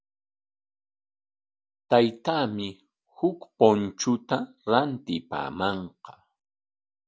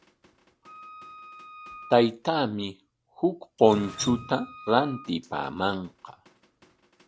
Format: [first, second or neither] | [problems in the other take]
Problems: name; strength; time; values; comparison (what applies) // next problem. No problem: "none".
first | background sound (Wind instrument, woodwind instrument + Drip); 17 dB below the speech